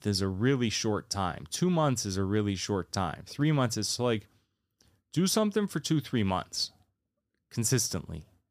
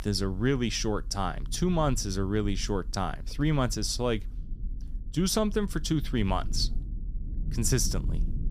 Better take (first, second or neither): first